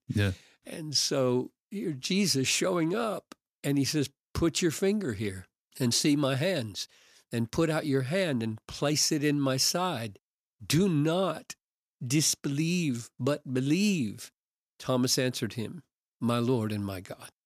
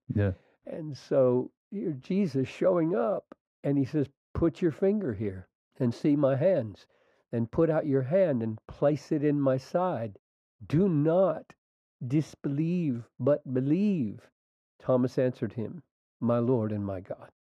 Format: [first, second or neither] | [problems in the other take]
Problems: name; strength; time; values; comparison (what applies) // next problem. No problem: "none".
first | muffled; very; fading above 3 kHz